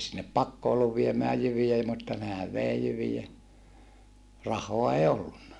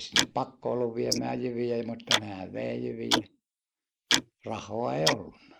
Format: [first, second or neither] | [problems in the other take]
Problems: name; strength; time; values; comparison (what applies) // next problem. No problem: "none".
first | noise reduction (neural mask model Resemble Enhance denoiser)